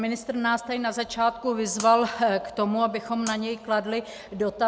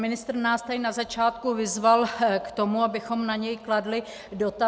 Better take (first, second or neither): second